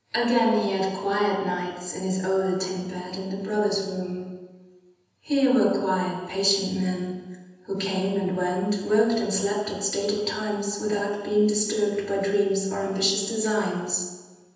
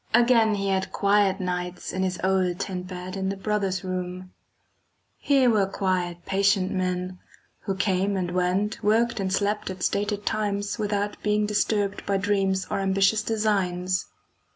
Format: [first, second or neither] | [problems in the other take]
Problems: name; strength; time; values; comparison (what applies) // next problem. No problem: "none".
second | room echo; dies away in 1.1 s